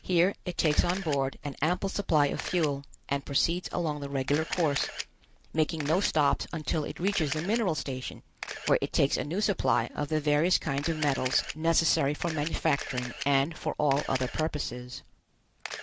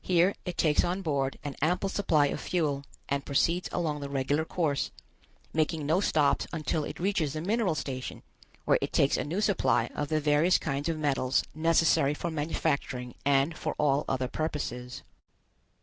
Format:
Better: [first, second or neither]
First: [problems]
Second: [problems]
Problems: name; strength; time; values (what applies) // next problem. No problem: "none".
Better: second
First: background sound (Camera); 13 dB below the speech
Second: none